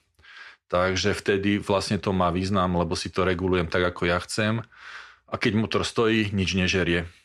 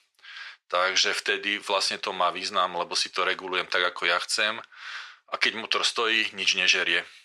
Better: first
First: none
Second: thin; very; fading below 700 Hz

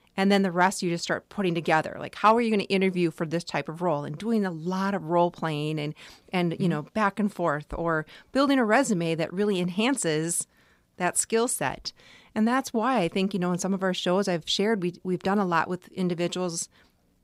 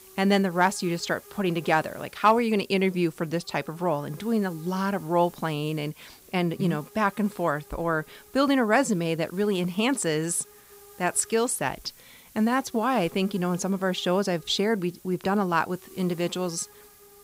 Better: first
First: none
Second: hiss; faint; throughout; 25 dB below the speech

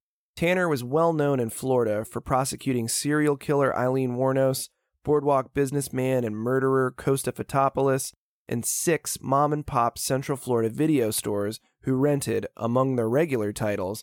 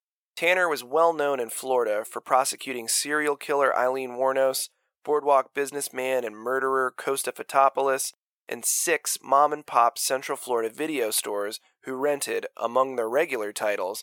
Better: first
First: none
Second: thin; very; fading below 650 Hz

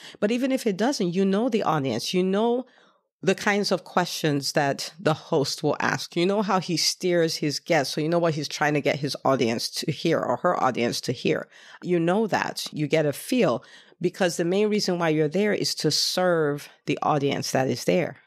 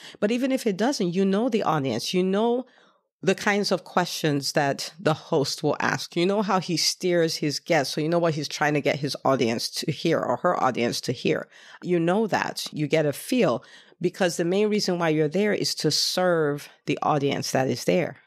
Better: neither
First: none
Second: none

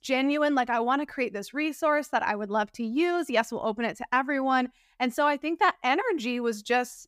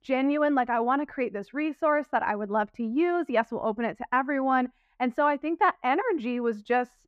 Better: first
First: none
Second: muffled; very; fading above 3.5 kHz

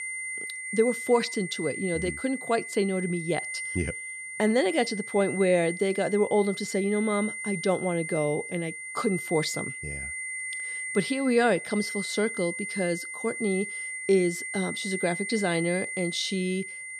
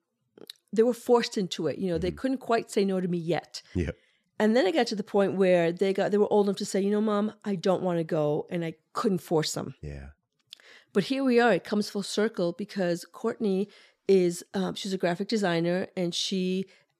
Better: second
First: high-pitched whine; loud; throughout; 2 kHz, 6 dB below the speech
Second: none

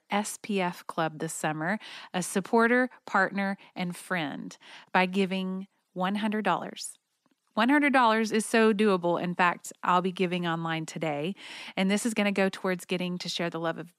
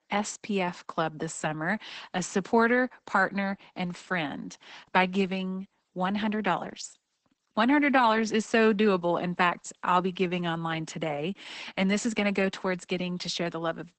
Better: first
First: none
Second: garbled, watery; badly; nothing above 8 kHz

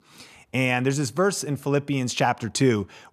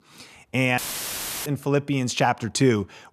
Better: first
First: none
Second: audio cutting out; filled with static; at 1 s for 0.5 s

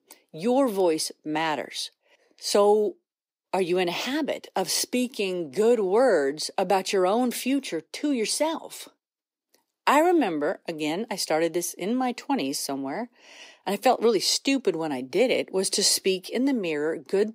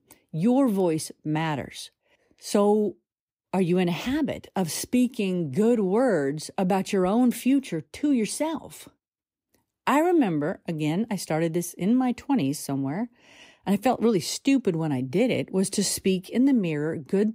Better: second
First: thin; somewhat; fading below 450 Hz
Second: none

